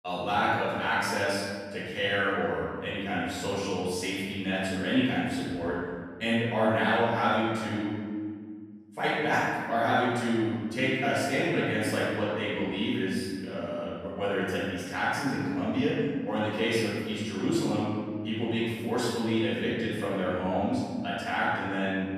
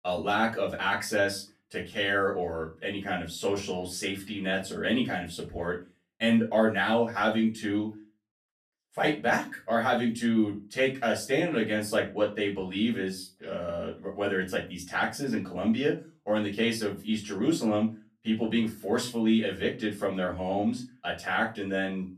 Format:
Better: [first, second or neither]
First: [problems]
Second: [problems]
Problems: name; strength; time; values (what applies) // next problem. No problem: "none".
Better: second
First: room echo; strong; dies away in 1.8 s // off-mic speech; far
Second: room echo; slight; dies away in 0.3 s // off-mic speech; far